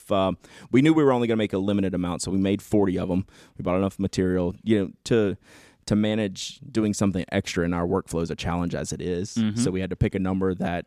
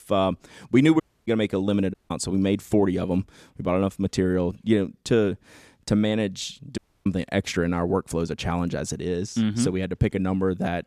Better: first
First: none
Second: audio cutting out; at 1 s, at 2 s and at 7 s

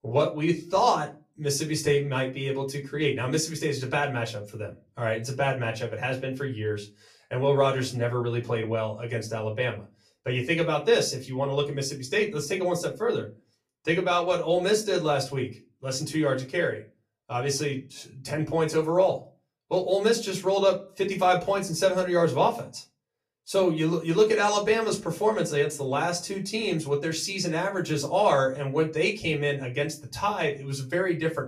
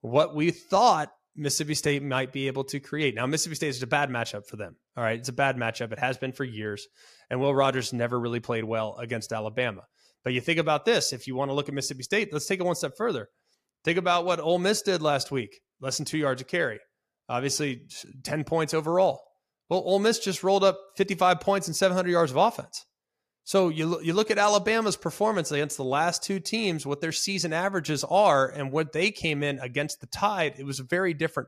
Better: second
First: off-mic speech; far // room echo; very slight; dies away in 0.2 s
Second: none

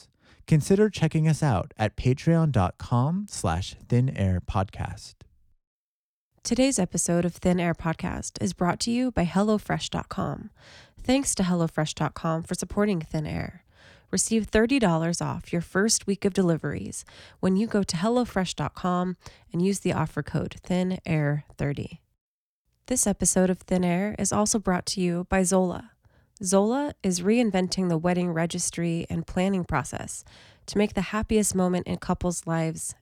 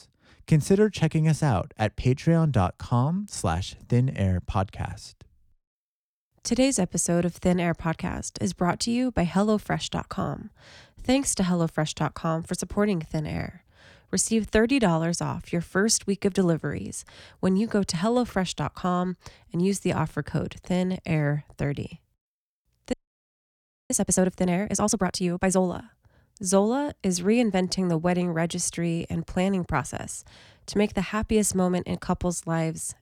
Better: first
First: none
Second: audio freezing; at 23 s for 1 s

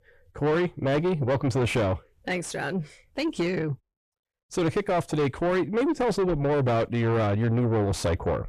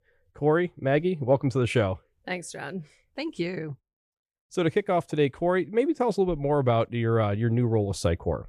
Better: second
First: distortion; heavy; 6 dB below the speech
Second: none

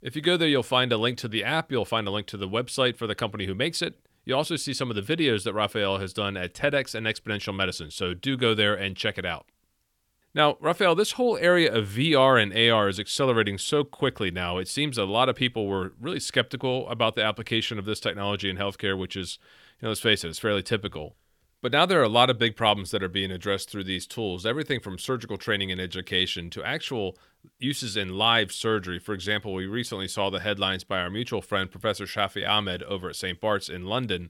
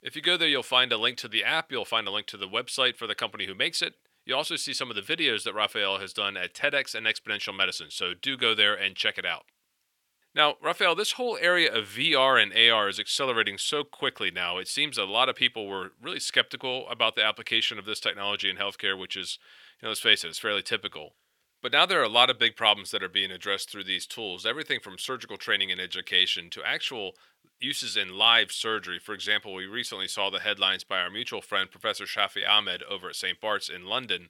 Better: first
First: none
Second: thin; somewhat; fading below 700 Hz

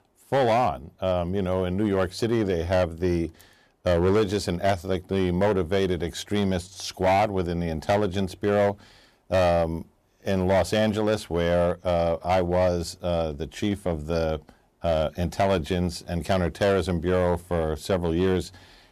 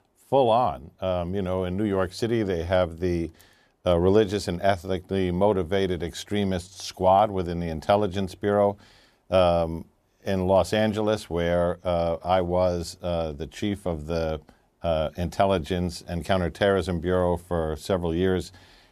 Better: second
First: distortion; slight; 7% of the sound clipped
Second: none

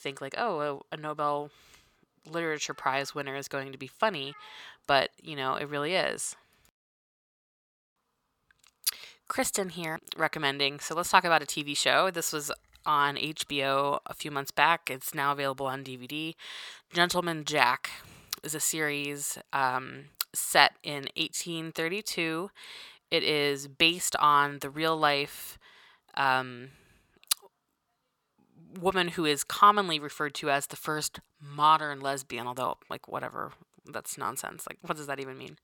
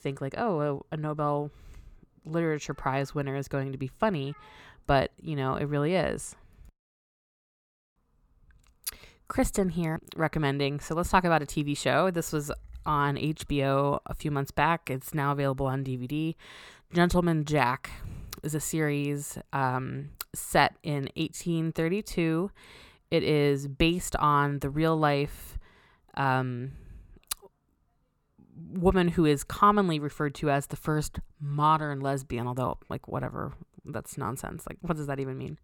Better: second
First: thin; somewhat; fading below 1 kHz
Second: none

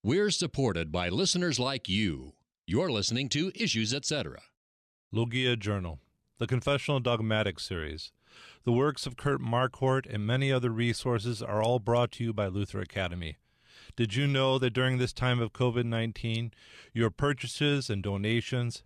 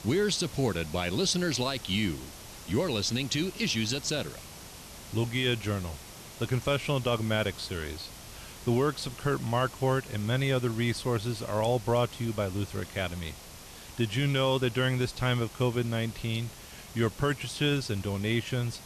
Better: first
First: none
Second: hiss; noticeable; throughout; 15 dB below the speech

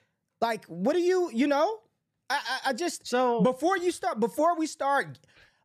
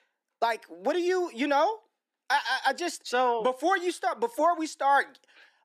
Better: first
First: none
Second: thin; somewhat; fading below 250 Hz

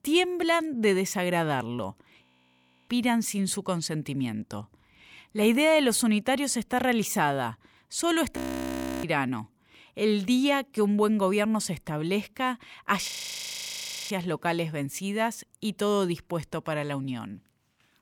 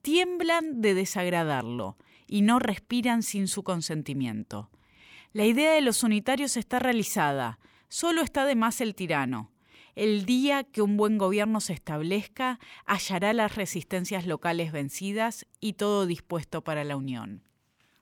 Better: second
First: audio freezing; at 2 s for 0.5 s, at 8.5 s for 0.5 s and at 13 s for 1 s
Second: none

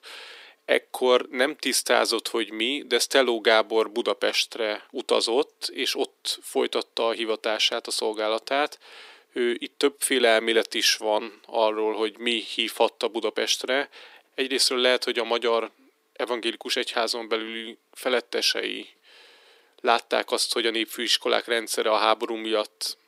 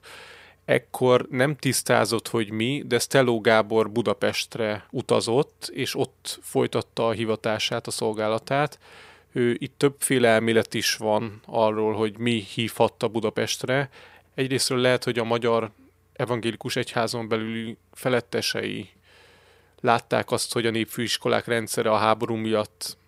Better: second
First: thin; somewhat; fading below 250 Hz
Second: none

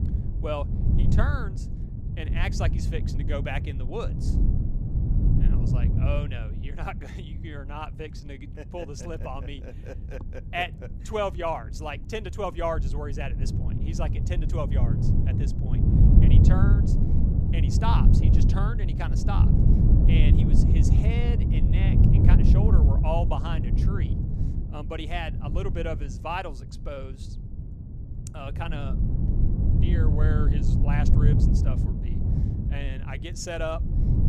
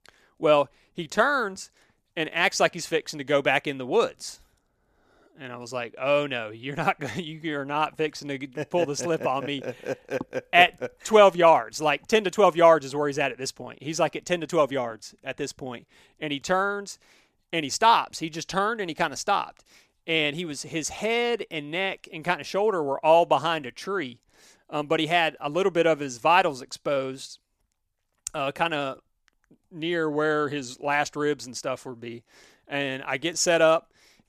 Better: second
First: wind noise on the microphone; heavy; 2 dB below the speech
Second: none

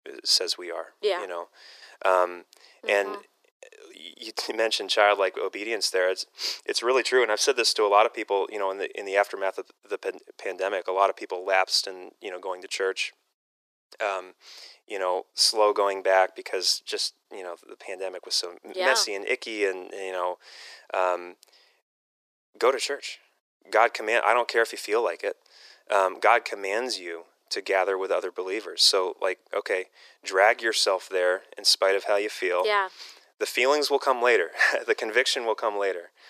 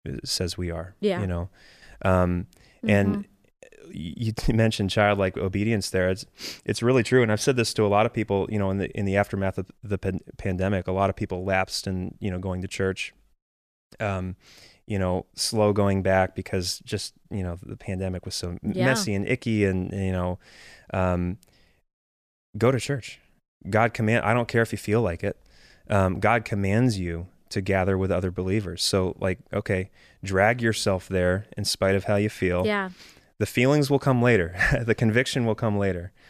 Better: second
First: thin; very; fading below 350 Hz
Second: none

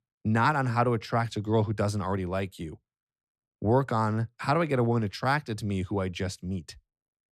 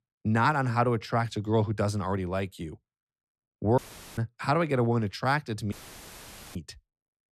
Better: first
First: none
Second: audio cutting out; filled with static; at 4 s and at 5.5 s for 1 s

